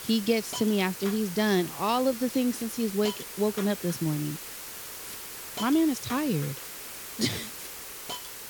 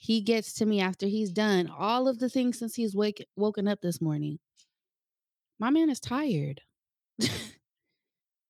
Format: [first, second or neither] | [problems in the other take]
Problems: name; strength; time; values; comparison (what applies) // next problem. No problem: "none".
second | hiss; loud; throughout; 9 dB below the speech